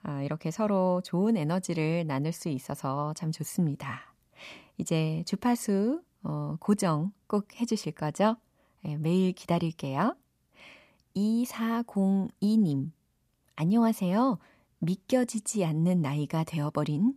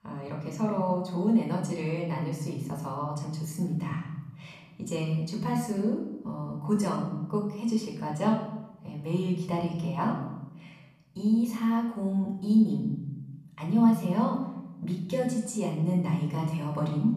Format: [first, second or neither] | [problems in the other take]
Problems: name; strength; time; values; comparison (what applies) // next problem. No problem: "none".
first | off-mic speech; far // room echo; noticeable; dies away in 1.2 s